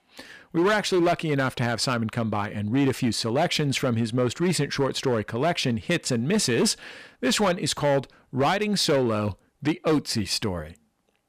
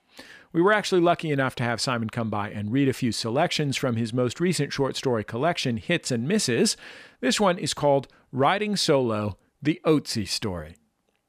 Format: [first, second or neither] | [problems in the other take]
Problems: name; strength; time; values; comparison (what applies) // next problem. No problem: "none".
second | distortion; slight; 8% of the sound clipped